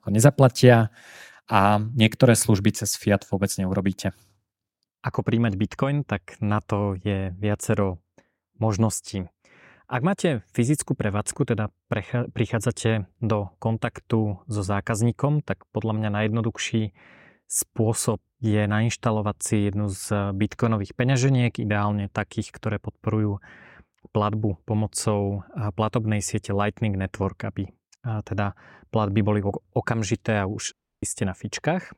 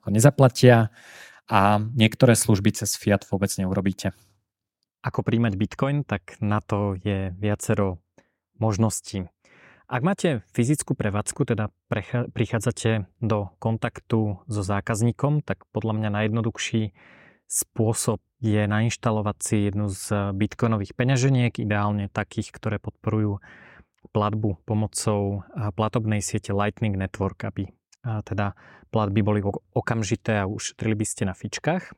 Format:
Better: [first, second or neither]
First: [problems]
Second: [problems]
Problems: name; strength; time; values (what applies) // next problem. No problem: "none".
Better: second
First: audio cutting out; at 31 s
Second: none